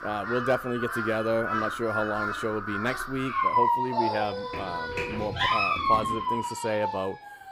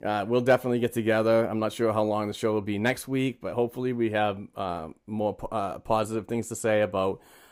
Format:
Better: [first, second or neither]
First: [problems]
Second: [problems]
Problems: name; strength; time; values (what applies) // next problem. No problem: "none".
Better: second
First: animal sounds; very loud; throughout; 2 dB above the speech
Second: none